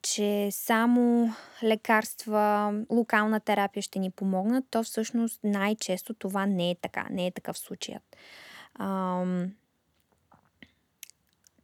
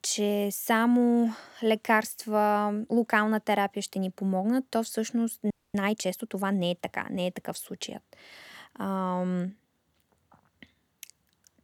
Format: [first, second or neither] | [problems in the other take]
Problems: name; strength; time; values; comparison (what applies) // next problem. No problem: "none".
first | audio freezing; at 5.5 s